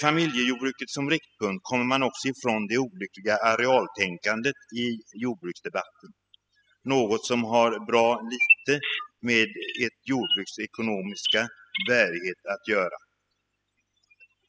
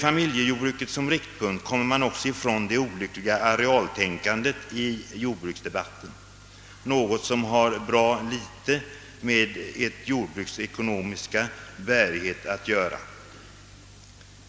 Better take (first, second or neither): second